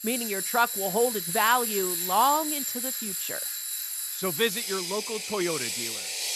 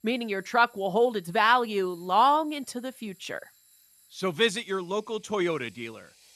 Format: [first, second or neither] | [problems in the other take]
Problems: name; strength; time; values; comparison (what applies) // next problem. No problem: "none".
second | machinery noise; loud; throughout; 1 dB below the speech; faint in the second